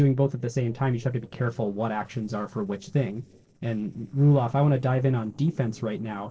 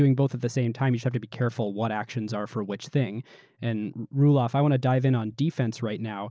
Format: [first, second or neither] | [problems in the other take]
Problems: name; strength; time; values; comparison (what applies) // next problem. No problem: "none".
second | noise reduction (neural separator model SepFormer DNS4)